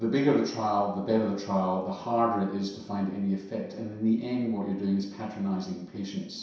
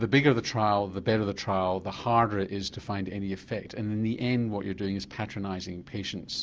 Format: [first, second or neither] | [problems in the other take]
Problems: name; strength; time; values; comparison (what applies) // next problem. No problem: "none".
second | room echo; dies away in 0.7 s